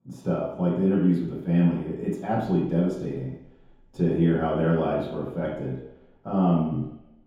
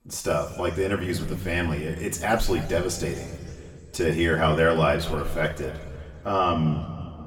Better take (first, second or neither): second